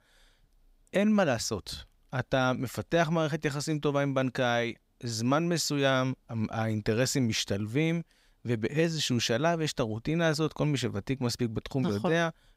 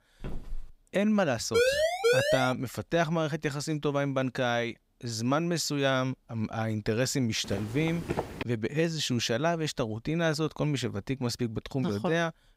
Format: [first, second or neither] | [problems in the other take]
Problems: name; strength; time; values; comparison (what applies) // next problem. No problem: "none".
first | footsteps; faint; at the start; peak 15 dB below the speech // siren; loud; at 1.5 s; peak 5 dB above the speech // footsteps; noticeable; at 7.5 s; peak 4 dB below the speech